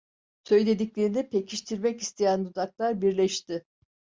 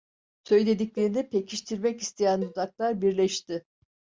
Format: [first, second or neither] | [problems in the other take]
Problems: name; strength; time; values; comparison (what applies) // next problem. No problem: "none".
first | background sound (Cowbell); 19 dB below the speech